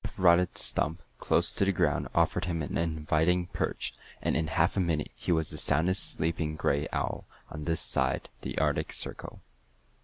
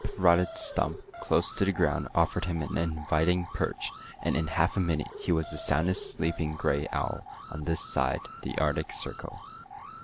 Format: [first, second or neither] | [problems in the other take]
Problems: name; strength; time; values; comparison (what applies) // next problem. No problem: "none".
first | background sound (Alarm); 14 dB below the speech